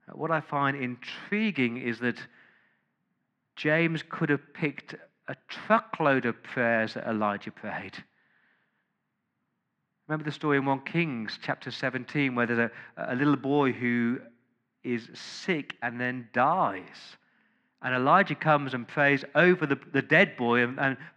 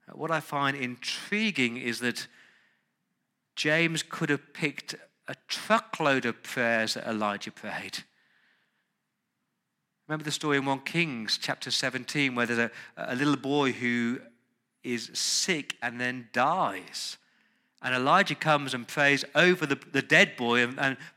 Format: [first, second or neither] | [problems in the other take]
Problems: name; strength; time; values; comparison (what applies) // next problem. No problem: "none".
second | muffled; very; fading above 2 kHz